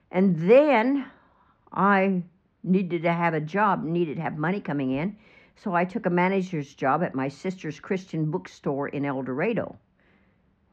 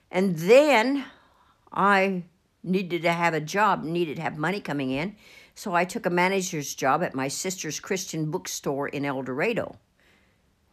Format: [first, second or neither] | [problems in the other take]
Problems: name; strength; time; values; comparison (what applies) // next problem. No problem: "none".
second | muffled; very; fading above 2 kHz